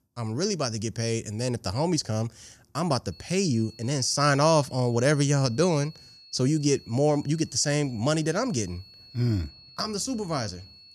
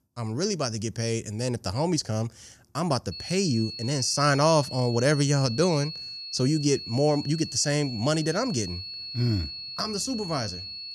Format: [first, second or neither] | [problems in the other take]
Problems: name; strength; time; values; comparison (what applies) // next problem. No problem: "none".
first | high-pitched whine; loud; from 3 s on; 4.5 kHz, 9 dB below the speech; faint in the first